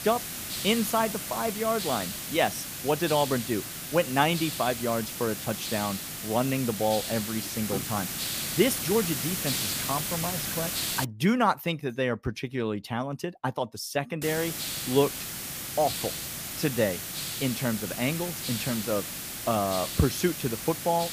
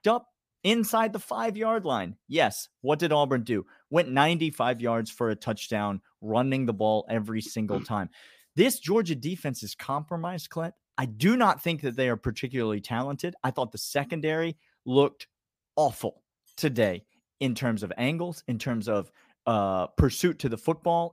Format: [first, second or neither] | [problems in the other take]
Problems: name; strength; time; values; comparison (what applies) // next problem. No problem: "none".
second | hiss; loud; until 11 s and from 14 s on; 3 dB below the speech